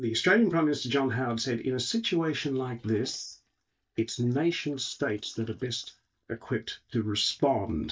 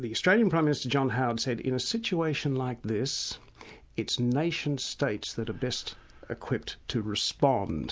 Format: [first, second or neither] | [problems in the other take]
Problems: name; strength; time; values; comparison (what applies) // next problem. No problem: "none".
second | noise reduction (neural mask model DeepFilterNet 3)